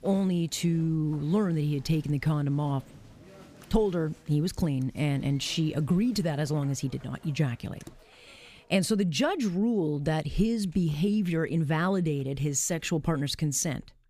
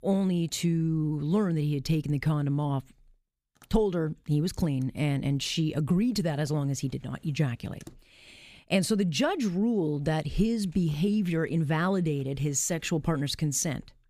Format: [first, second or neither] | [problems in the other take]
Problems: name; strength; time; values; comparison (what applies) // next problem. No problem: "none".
second | crowd noise; faint; until 8.5 s; 25 dB below the speech